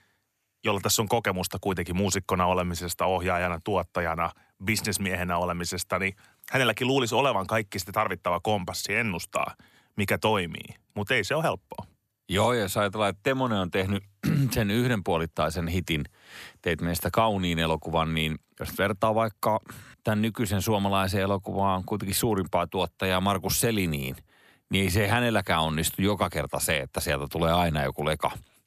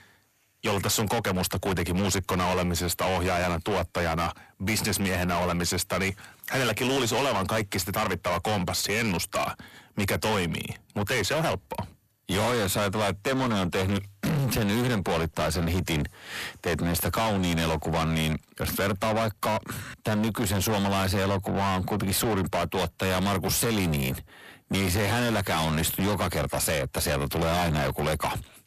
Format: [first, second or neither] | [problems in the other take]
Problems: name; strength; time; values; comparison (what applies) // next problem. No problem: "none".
first | distortion; heavy; 6 dB below the speech